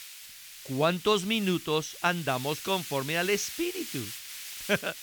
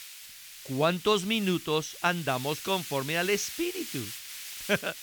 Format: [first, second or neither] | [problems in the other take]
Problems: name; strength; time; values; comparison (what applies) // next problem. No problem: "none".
neither | hiss; noticeable; throughout; 10 dB below the speech; the same in both